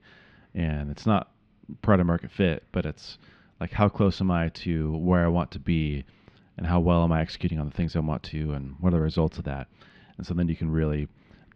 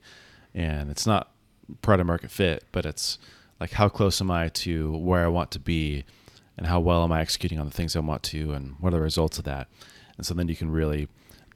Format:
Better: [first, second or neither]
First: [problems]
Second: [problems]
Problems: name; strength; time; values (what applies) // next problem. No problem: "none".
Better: second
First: muffled; slightly; fading above 3 kHz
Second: none